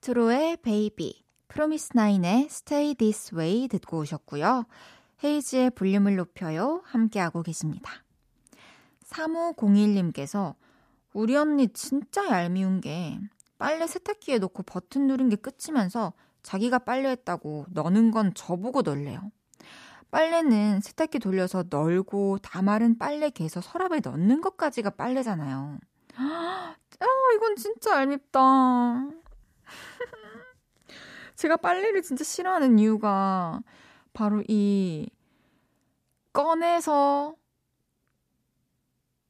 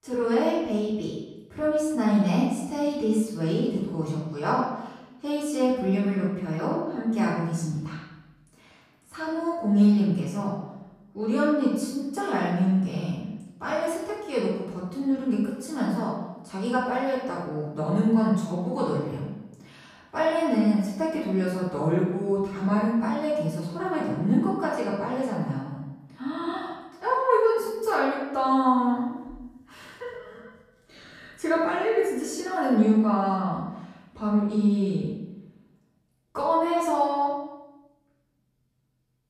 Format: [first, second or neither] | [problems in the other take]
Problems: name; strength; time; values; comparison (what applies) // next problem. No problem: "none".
first | off-mic speech; far // room echo; noticeable; dies away in 0.9 s